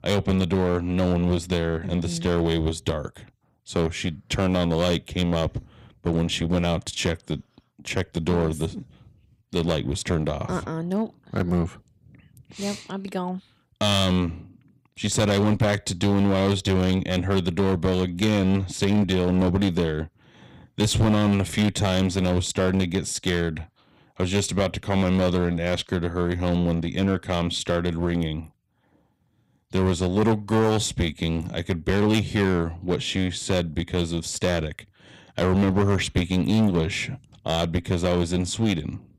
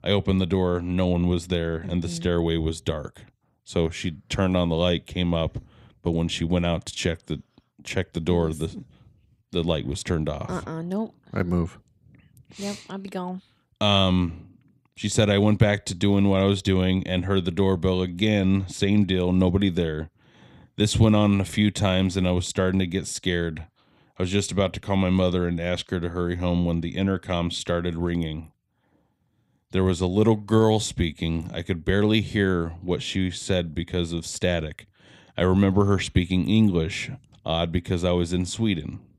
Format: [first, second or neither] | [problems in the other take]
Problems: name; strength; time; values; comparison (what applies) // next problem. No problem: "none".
second | distortion; slight; 9% of the sound clipped